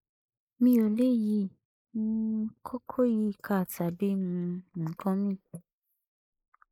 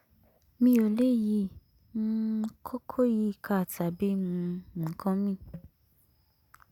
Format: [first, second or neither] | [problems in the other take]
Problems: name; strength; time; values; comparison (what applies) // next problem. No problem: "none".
second | noise reduction (neural mask model Resemble Enhance denoiser)